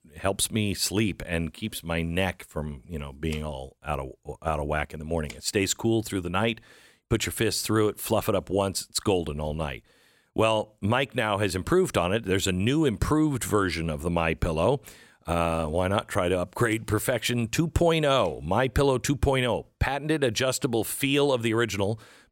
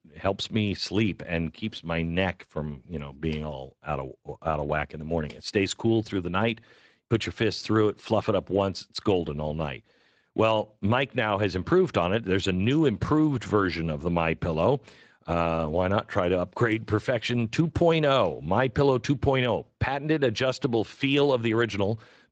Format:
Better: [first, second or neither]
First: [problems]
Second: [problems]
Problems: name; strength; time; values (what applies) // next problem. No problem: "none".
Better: first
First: none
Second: garbled, watery; slightly